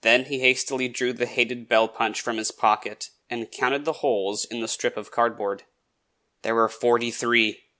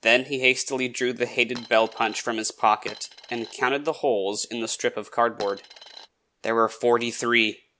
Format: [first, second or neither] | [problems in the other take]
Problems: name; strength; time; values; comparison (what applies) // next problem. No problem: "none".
first | background sound (Coin (dropping)); 18 dB below the speech